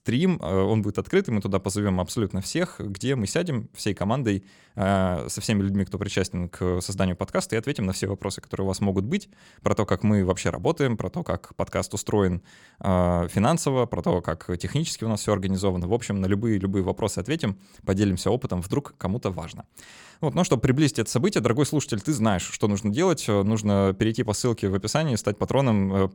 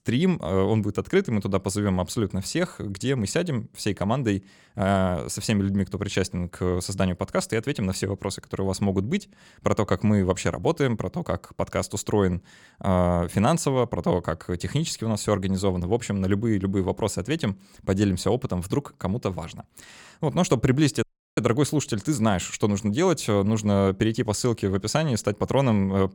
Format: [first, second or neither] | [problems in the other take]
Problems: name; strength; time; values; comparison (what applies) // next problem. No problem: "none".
first | audio cutting out; at 21 s